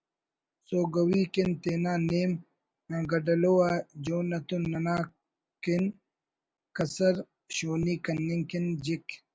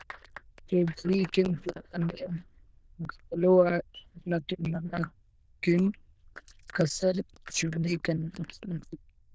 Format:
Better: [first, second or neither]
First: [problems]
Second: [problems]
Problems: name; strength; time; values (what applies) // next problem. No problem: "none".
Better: first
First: none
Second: noise reduction (neural diffusion model UNIVERSE++)